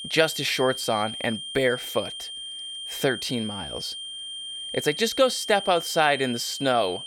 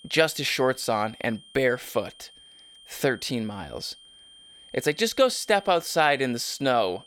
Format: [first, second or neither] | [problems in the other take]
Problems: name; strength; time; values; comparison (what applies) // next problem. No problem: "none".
second | high-pitched whine; loud; throughout; 3 kHz, 8 dB below the speech; faint in the second